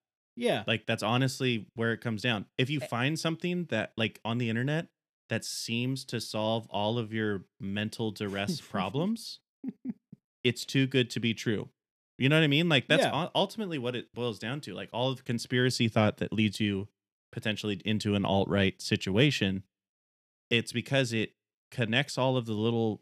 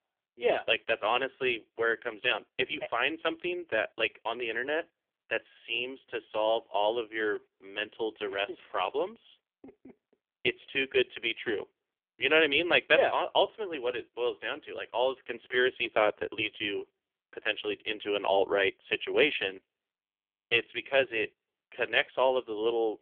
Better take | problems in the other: first | phone-call audio; poor line; nothing above 3.5 kHz

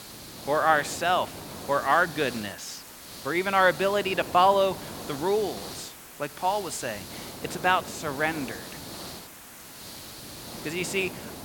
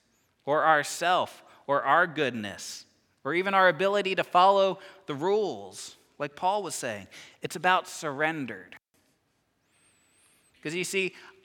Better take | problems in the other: second | hiss; noticeable; throughout; 15 dB below the speech

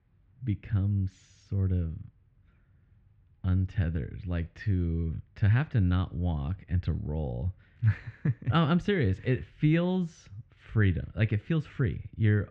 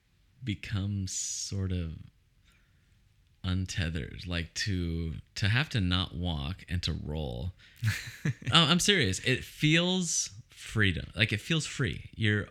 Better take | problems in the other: second | muffled; very; fading above 1 kHz

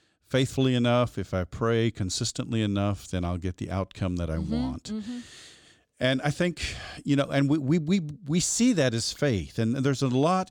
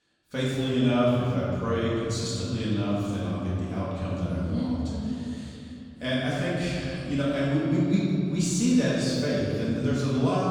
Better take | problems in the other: first | off-mic speech; far // room echo; strong; dies away in 2.5 s

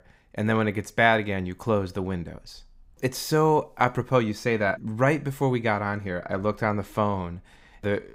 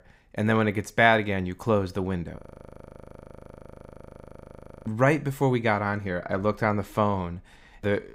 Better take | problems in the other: first | audio freezing; at 2.5 s for 2.5 s

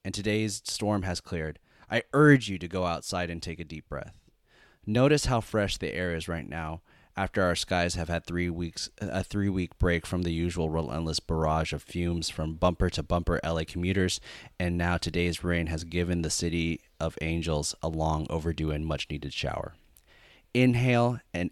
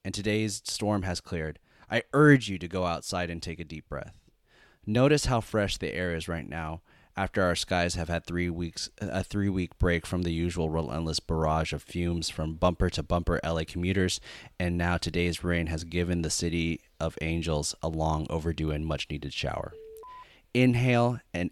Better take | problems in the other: first | alarm; faint; at 20 s; peak 20 dB below the speech

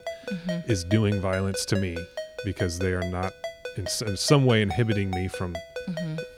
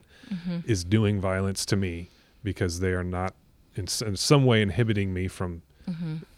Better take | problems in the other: second | phone ringing; noticeable; peak 9 dB below the speech

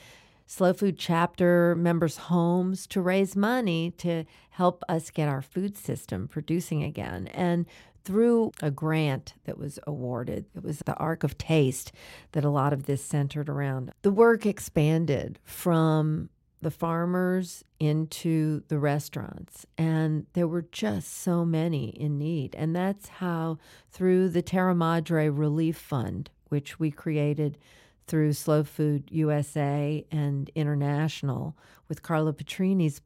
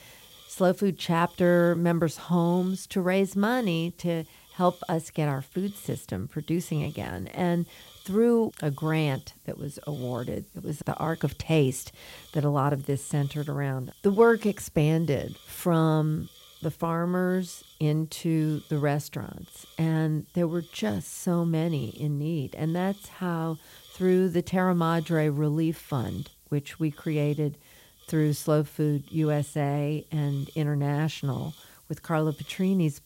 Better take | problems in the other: first | hiss; faint; throughout; 25 dB below the speech

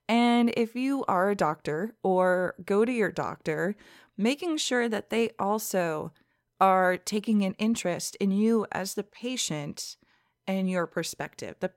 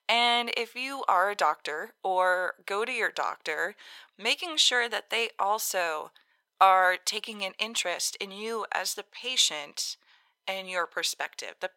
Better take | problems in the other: first | thin; very; fading below 850 Hz

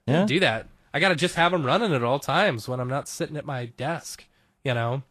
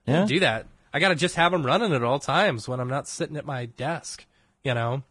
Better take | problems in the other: first | garbled, watery; badly; nothing above 10 kHz; slightly in the first

